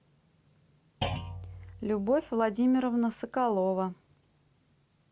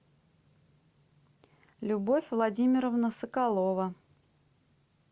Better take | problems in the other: second | background sound (Thump, thud); 11 dB below the speech

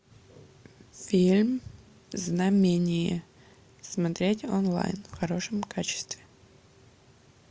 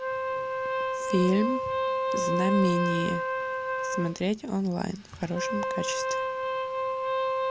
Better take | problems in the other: first | background sound (Wind instrument, woodwind instrument); 1 dB above the speech

